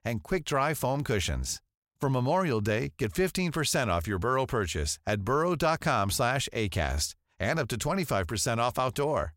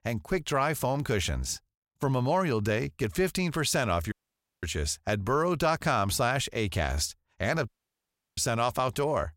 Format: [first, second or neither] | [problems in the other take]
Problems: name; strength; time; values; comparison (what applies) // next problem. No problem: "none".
first | audio cutting out; at 4 s for 0.5 s and at 7.5 s for 0.5 s